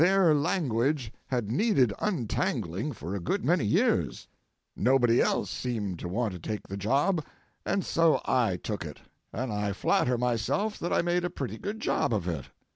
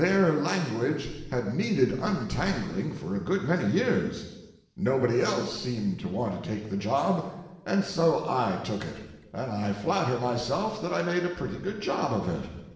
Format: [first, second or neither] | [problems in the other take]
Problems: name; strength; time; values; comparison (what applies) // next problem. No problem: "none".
first | room echo; dies away in 0.9 s